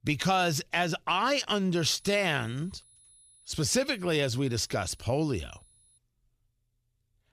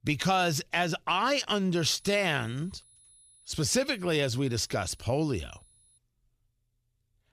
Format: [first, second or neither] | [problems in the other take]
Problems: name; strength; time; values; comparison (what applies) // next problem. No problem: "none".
neither | high-pitched whine; faint; from 2 to 6 s; 10 kHz, 30 dB below the speech; the same in both